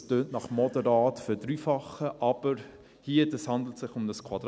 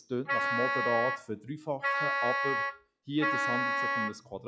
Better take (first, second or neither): first